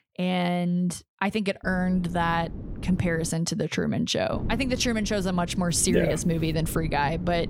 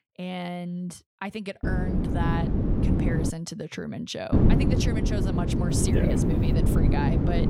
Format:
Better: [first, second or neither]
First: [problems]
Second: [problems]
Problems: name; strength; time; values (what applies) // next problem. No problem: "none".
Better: first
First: wind noise on the microphone; occasional gusts; from 1.5 to 3.5 s and from 4.5 s on; 15 dB below the speech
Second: wind noise on the microphone; heavy; from 1.5 to 3.5 s and from 4.5 s on; 2 dB above the speech